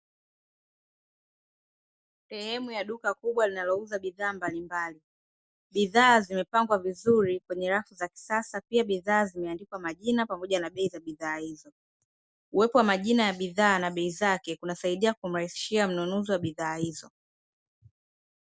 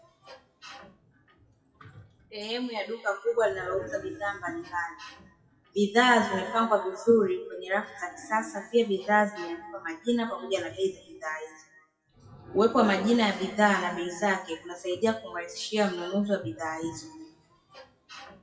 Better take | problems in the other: first | noise reduction (classical method WPE with log-MMSE)

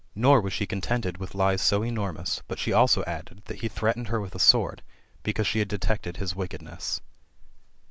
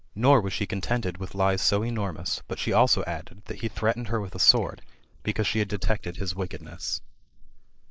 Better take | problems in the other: first | noise reduction (neural mask model Resemble Enhance denoiser)

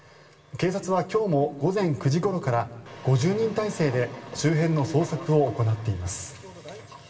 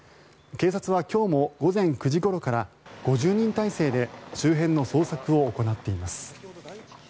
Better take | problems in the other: second | room echo; dies away in 2 s

